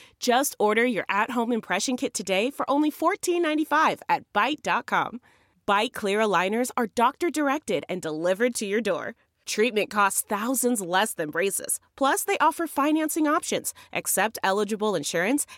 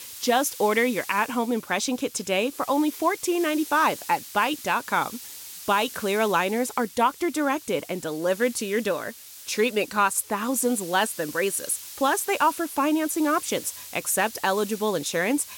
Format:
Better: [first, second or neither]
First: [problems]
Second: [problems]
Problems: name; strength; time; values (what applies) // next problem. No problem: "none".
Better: first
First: none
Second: hiss; noticeable; throughout; 15 dB below the speech